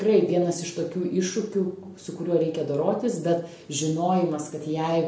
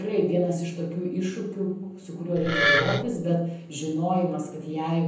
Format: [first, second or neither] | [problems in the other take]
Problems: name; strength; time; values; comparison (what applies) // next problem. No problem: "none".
first | background sound (Wood); 2 dB above the speech // room echo; dies away in 0.6 s